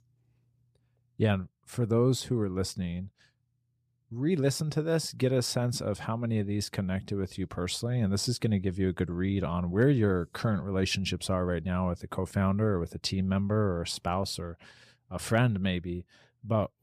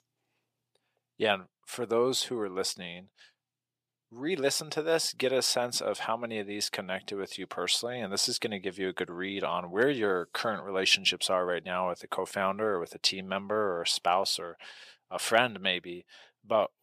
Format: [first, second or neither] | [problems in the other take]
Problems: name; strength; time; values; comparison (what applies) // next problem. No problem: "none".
first | thin; very; fading below 450 Hz